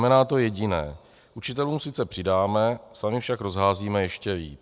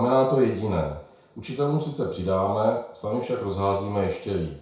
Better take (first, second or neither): first